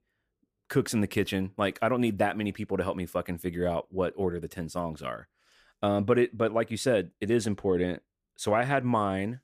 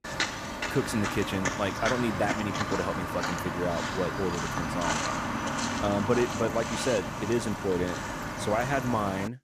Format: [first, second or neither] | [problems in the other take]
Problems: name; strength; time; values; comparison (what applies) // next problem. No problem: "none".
first | footsteps; loud; peak 2 dB above the speech